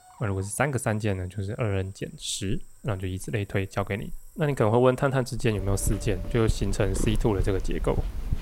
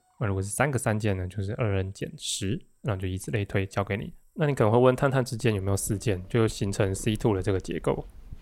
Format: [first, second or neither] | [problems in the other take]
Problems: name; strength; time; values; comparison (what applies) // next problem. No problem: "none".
second | animal sounds; loud; throughout; 7 dB below the speech; faint in the second